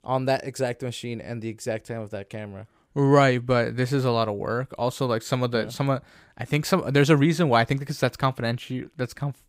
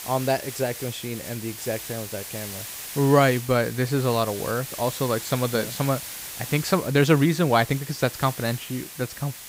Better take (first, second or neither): first